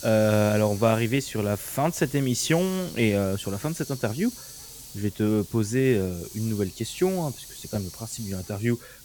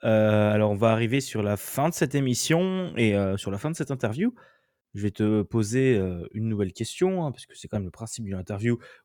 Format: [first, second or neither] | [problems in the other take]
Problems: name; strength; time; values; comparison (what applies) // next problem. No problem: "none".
second | hiss; noticeable; throughout; 15 dB below the speech